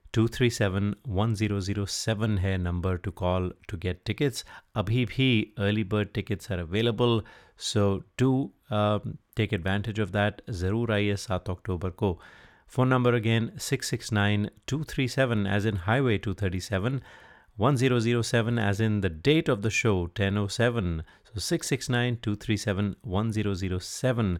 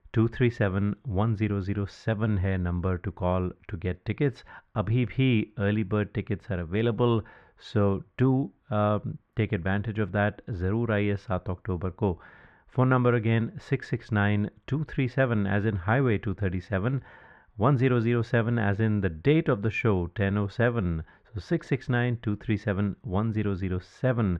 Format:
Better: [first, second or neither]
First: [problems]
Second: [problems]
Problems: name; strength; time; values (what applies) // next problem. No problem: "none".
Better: first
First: none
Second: muffled; very; fading above 2 kHz